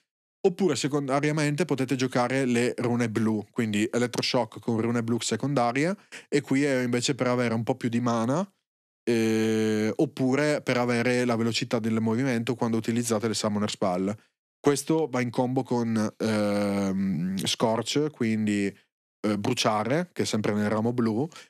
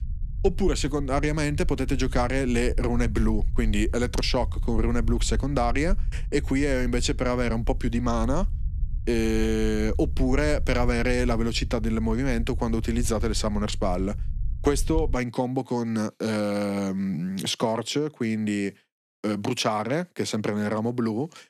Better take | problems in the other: first | low rumble; faint; until 15 s; 25 dB below the speech

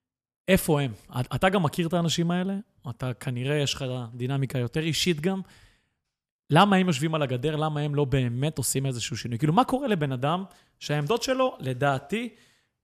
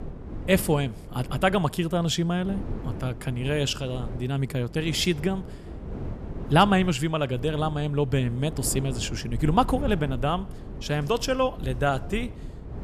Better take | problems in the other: first | wind noise on the microphone; occasional gusts; 15 dB below the speech

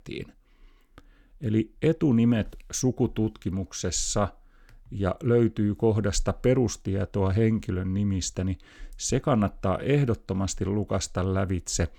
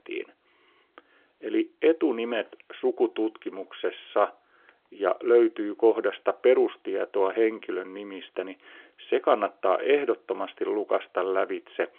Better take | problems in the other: first | phone-call audio; nothing above 3.5 kHz

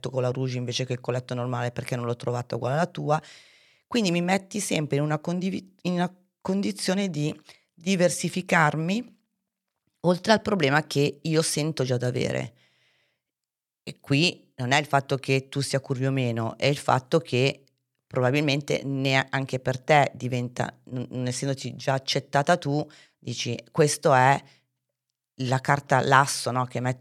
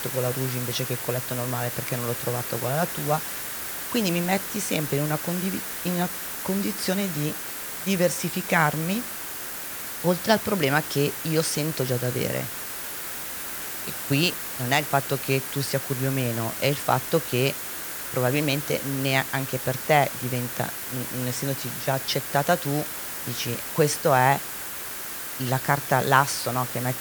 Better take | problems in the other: first | hiss; loud; throughout; 5 dB below the speech

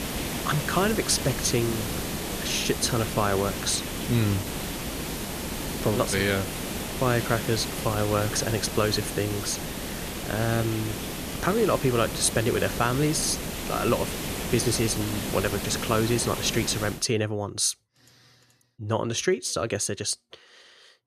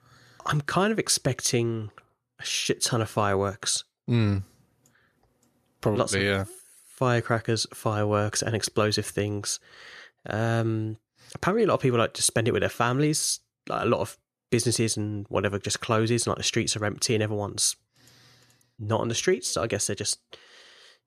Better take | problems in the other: second | hiss; loud; until 17 s; 5 dB below the speech

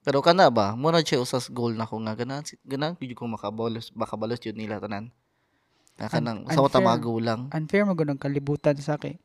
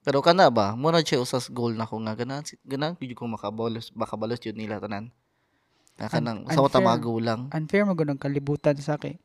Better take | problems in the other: neither | none

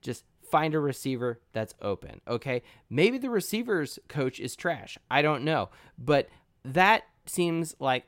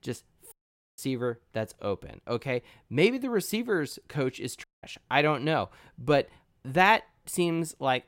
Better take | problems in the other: first | audio cutting out; at 0.5 s and at 4.5 s

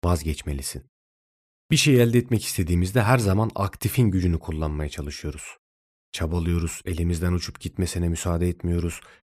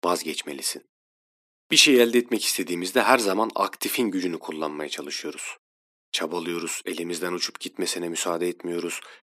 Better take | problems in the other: first | thin; somewhat; fading below 250 Hz

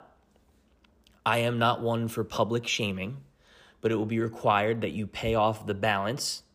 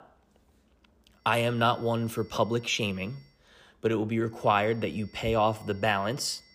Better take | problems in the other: first | high-pitched whine; faint; from 1.5 to 3.5 s and from 4.5 s on; 2 kHz, 30 dB below the speech

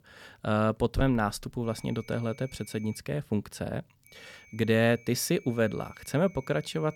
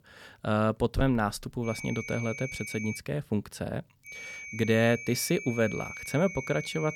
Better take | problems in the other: first | high-pitched whine; loud; from 1.5 to 3 s and from 4 s on; 2.5 kHz, 9 dB below the speech; faint in the first

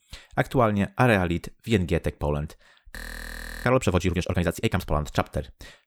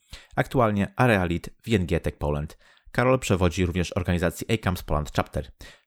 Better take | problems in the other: second | audio freezing; at 3 s for 0.5 s

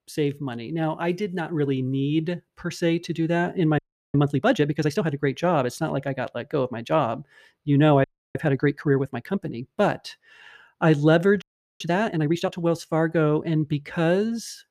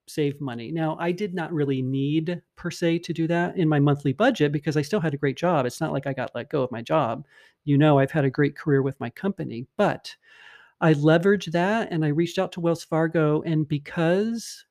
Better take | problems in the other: second | audio freezing; at 4 s, at 8 s and at 11 s

